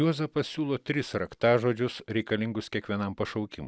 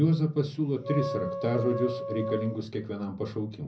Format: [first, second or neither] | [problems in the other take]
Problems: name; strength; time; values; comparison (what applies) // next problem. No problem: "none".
first | background sound (Wind instrument, woodwind instrument); 6 dB below the speech // room echo; dies away in 0.4 s